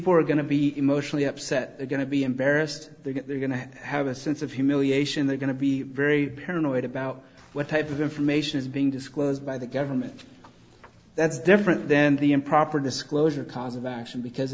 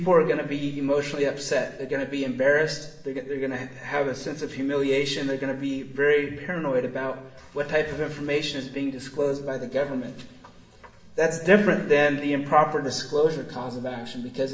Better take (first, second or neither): first